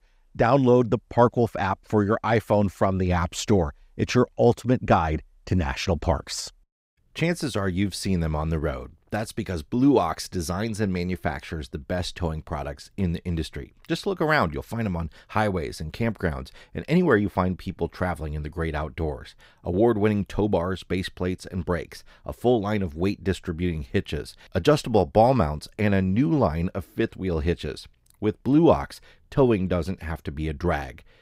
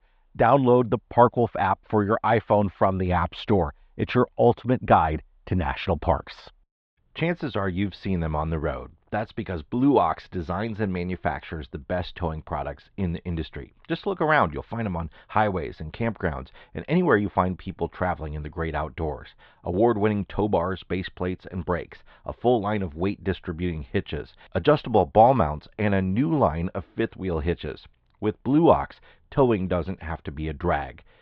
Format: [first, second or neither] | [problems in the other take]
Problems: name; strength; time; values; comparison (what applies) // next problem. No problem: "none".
first | muffled; very; fading above 3.5 kHz